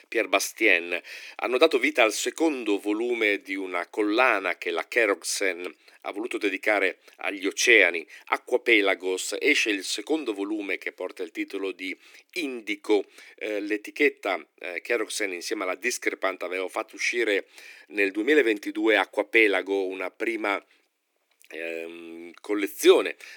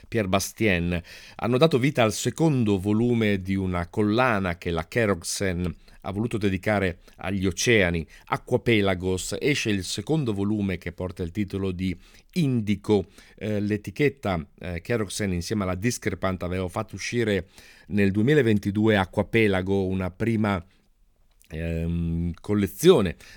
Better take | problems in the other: second | thin; very; fading below 300 Hz

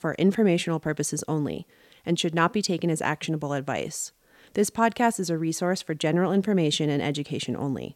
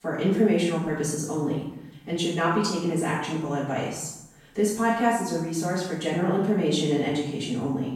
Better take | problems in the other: first | off-mic speech; far // room echo; noticeable; dies away in 0.7 s

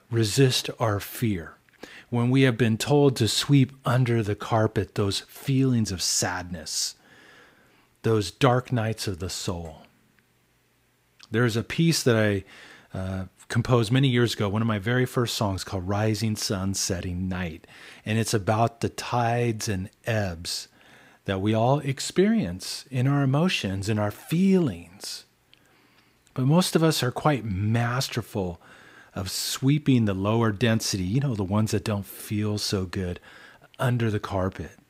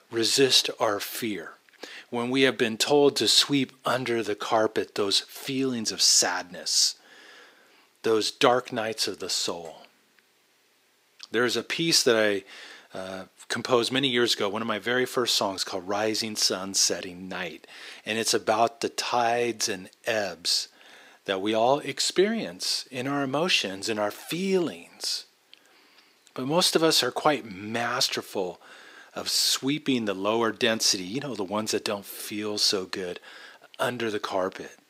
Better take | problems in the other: first | thin; somewhat; fading below 400 Hz

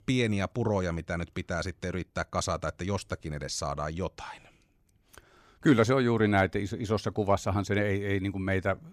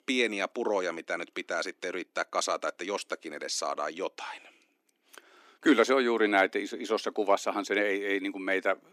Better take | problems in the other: first | thin; somewhat; fading below 250 Hz

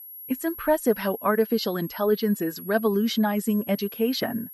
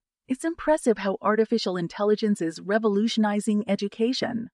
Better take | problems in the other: second | high-pitched whine; noticeable; throughout; 11.5 kHz, 15 dB below the speech

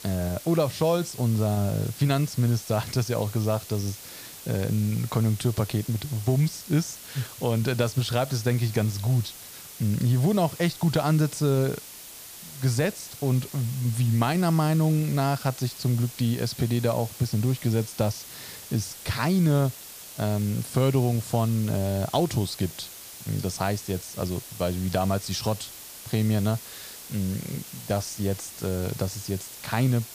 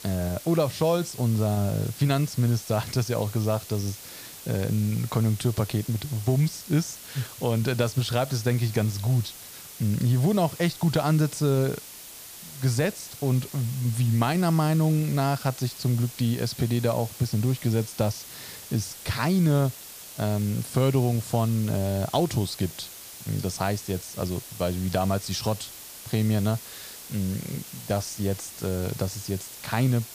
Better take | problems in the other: neither | hiss; noticeable; throughout; 15 dB below the speech; the same in both

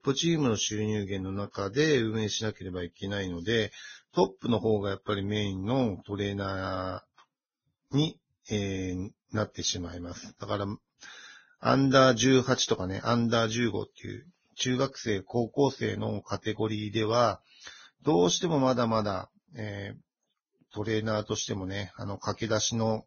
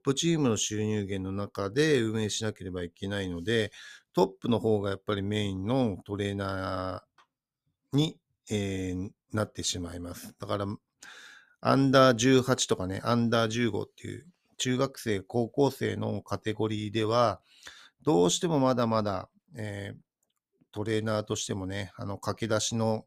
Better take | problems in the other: second | garbled, watery; badly; nothing above 6.5 kHz

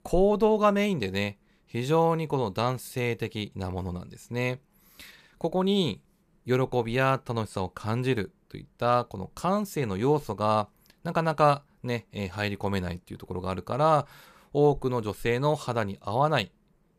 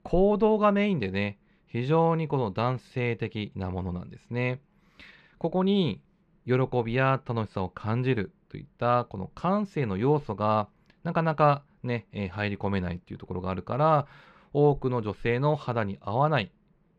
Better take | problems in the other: first | muffled; very slightly; fading above 2.5 kHz

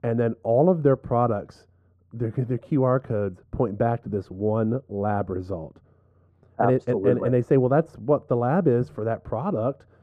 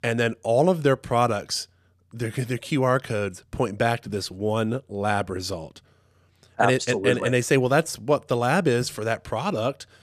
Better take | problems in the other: second | muffled; very; fading above 1.5 kHz

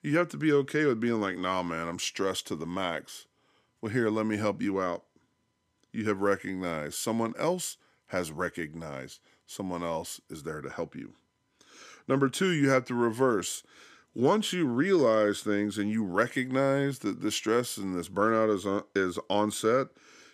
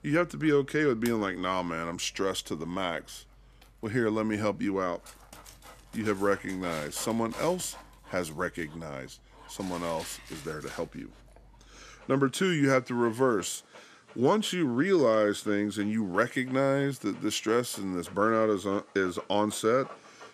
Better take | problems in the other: first | animal sounds; faint; throughout; 20 dB below the speech

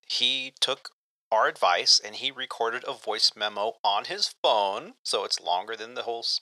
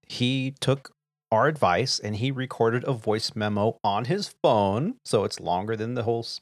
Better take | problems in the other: second | thin; very; fading below 750 Hz

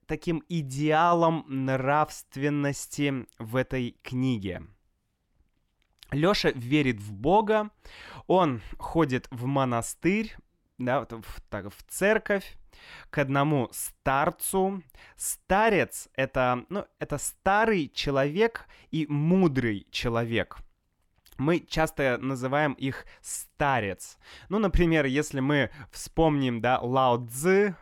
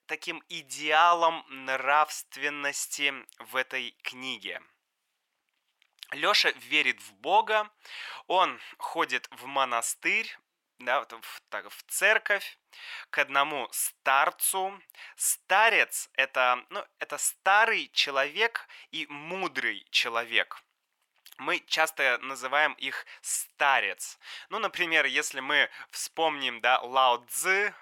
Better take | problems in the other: first | thin; very; fading below 900 Hz

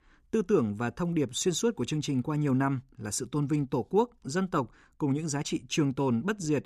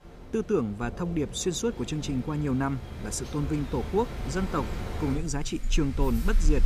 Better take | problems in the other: first | rain or running water; loud; throughout; 6 dB below the speech

